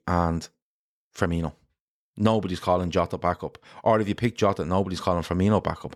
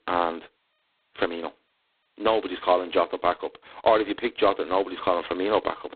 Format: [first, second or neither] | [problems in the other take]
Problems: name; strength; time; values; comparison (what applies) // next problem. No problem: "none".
first | phone-call audio; poor line; nothing above 4 kHz